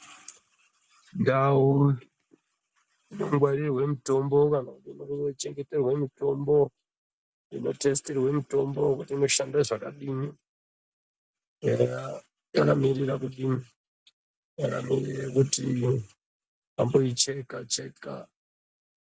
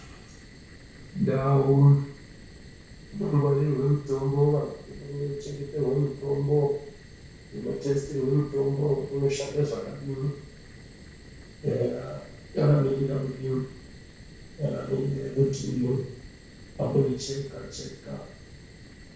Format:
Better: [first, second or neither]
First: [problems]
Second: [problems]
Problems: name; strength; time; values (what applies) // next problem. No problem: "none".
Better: first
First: none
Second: background sound (Fire); 19 dB below the speech // room echo; dies away in 0.6 s